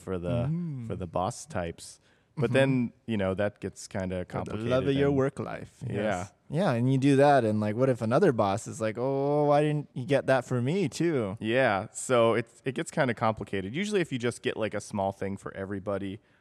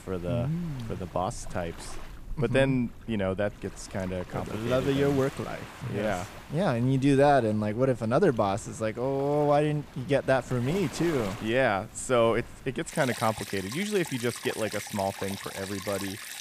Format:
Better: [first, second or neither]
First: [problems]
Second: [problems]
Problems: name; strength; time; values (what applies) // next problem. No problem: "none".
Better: first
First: none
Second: rain or running water; noticeable; throughout; 15 dB below the speech